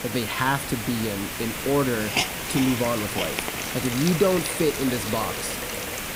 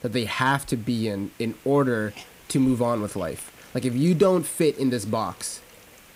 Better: second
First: hiss; loud; throughout; 2 dB below the speech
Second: hiss; faint; throughout; 25 dB below the speech

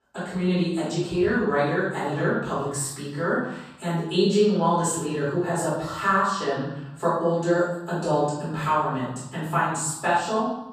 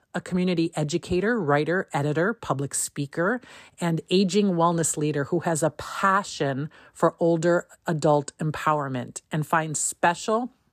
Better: second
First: off-mic speech; far // room echo; noticeable; dies away in 0.8 s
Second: none

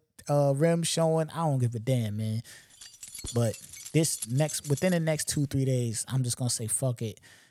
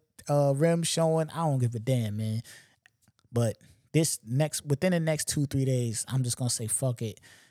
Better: second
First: jangling keys; noticeable; from 3 to 5.5 s; peak 9 dB below the speech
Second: none

